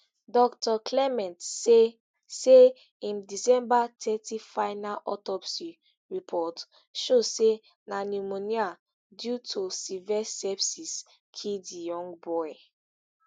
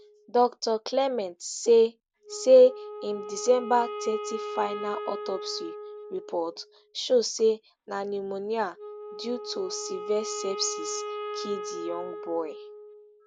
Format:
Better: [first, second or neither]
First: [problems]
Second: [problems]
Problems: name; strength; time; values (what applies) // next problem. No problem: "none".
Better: first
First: none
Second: background sound (Wind instrument, woodwind instrument); 11 dB below the speech